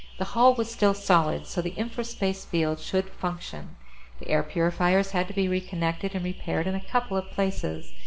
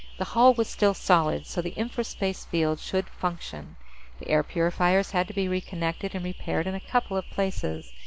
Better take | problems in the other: second | room echo; dies away in 0.5 s

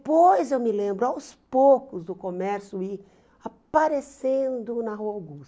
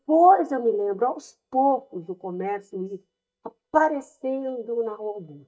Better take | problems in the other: first | noise reduction (neural mask model DeepFilterNet 3)

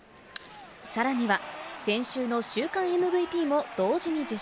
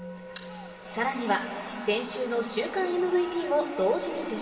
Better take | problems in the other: first | background sound (Musical instrument); 19 dB below the speech // room echo; dies away in 2.7 s

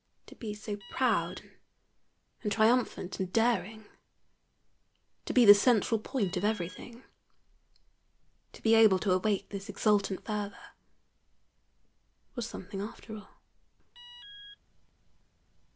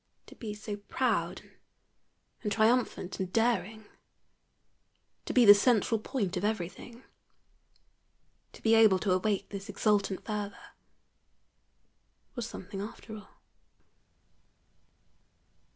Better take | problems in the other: second | background sound (Alarm); 18 dB below the speech

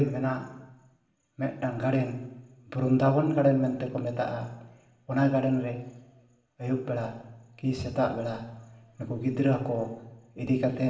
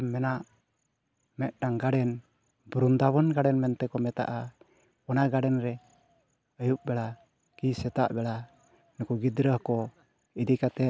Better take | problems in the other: second | room echo; dies away in 1 s

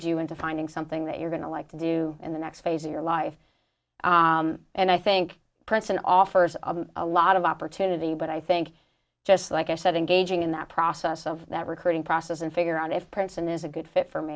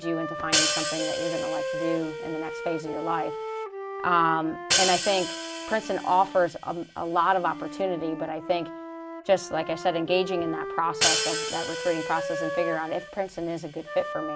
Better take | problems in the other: first | background sound (Wind instrument, woodwind instrument + Hi-hat); 3 dB below the speech

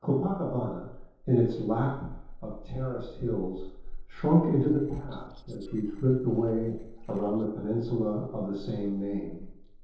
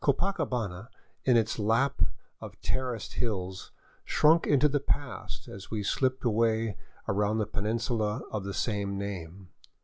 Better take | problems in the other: second | noise reduction (neural separator model SepFormer DNS4)

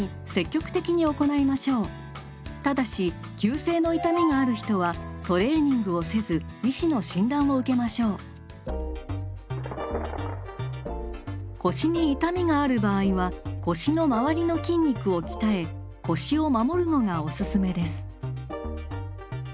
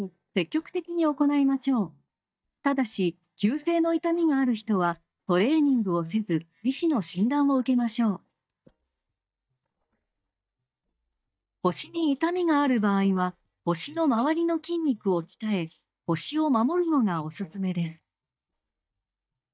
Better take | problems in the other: first | noise reduction (neural mask model DeepFilterNet 3)

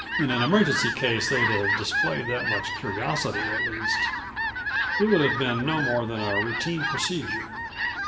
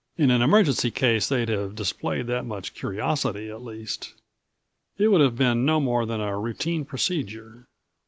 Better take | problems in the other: second | background sound (Fowl); 1 dB below the speech // room echo; dies away in 0.6 s

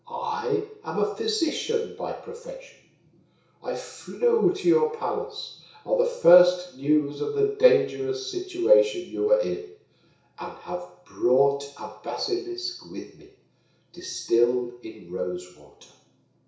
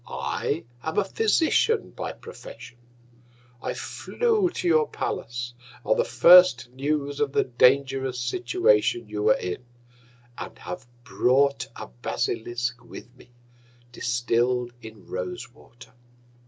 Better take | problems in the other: second | room echo; dies away in 0.6 s

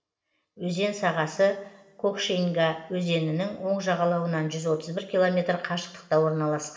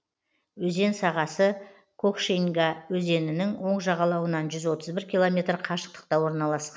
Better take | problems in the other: second | room echo; dies away in 1.7 s

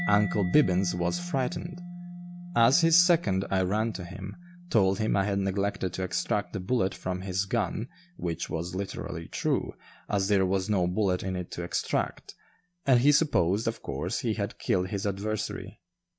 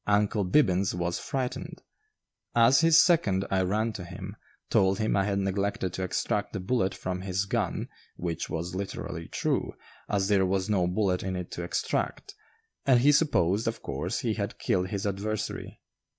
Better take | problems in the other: second | background sound (Mallet percussion); 15 dB below the speech

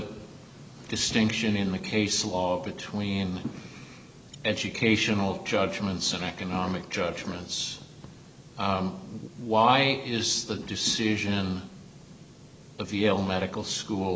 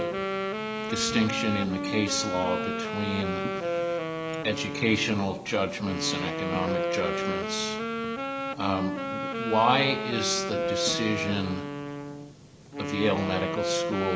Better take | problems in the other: first | background sound (Wind instrument, woodwind instrument); 2 dB below the speech

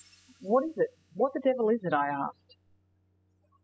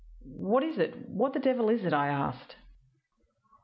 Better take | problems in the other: second | noise reduction (classical method spectral subtraction)

